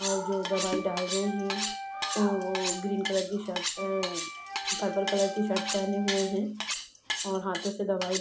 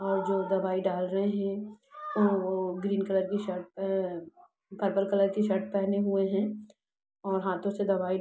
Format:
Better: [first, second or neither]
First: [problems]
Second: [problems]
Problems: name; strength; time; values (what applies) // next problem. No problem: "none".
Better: second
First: background sound (Wind instrument, woodwind instrument + Cutlery, silverware); 4 dB below the speech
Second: none